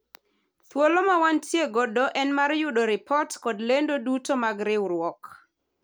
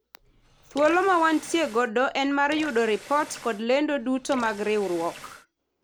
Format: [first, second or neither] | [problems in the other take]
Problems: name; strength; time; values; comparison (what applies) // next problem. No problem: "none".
first | background sound (Water tap, faucet / Water); 19 dB below the speech